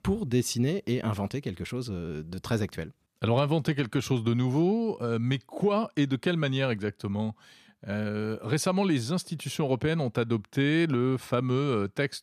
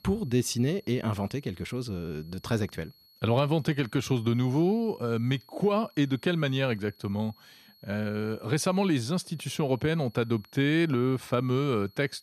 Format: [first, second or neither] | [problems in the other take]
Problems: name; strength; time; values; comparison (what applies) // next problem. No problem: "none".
first | high-pitched whine; faint; throughout; 4.5 kHz, 30 dB below the speech